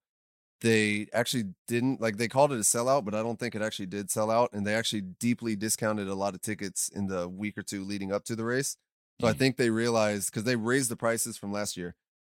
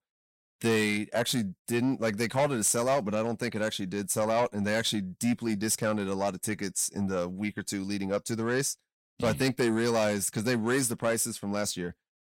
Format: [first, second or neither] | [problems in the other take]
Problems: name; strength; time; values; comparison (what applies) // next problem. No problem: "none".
first | distortion; slight; 10 dB below the speech